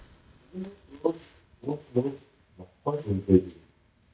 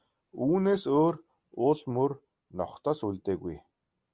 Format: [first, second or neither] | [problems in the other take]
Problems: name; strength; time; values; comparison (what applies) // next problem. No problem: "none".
second | noise reduction (neural mask model DeepFilterNet 3)